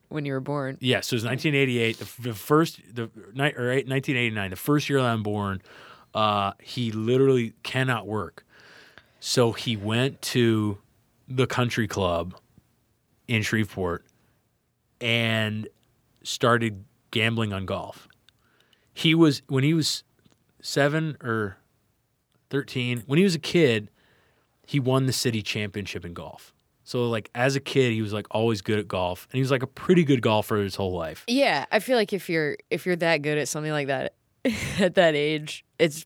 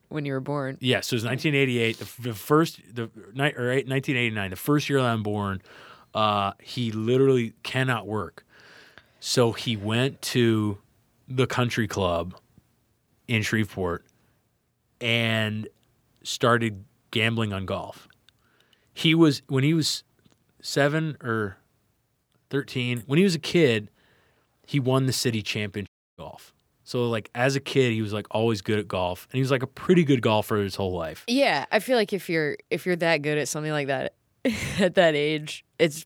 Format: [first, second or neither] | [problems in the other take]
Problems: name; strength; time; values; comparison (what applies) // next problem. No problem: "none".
first | audio cutting out; at 26 s